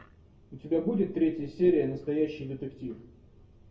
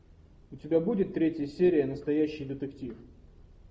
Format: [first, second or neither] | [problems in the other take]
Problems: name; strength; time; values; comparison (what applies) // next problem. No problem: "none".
second | room echo; dies away in 0.3 s